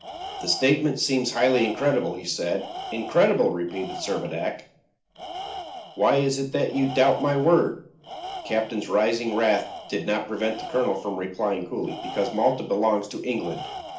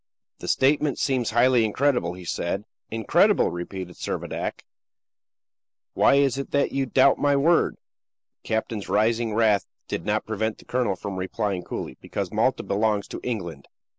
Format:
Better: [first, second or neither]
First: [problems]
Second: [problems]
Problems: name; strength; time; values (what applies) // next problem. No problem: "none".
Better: second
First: background sound (Tools); 14 dB below the speech // room echo; dies away in 0.4 s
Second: none